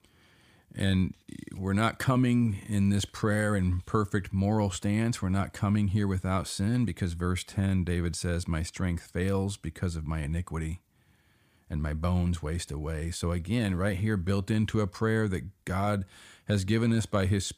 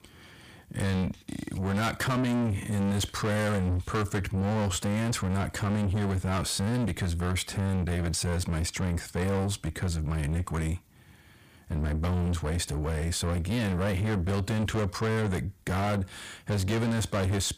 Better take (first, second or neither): first